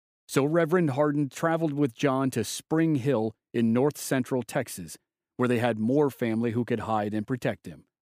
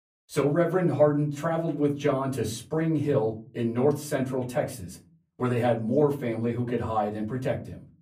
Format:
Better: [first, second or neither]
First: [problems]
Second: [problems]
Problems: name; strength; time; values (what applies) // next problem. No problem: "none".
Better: first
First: none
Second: off-mic speech; far // room echo; very slight; dies away in 0.4 s